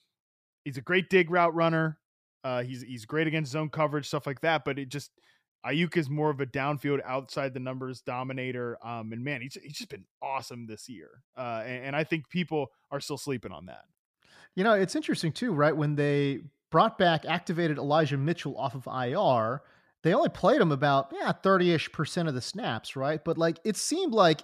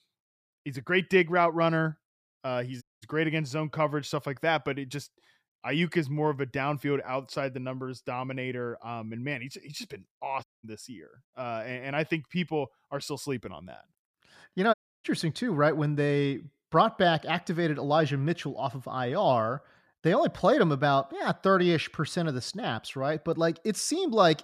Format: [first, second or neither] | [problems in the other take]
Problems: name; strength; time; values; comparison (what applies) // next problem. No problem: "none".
first | audio cutting out; at 3 s, at 10 s and at 15 s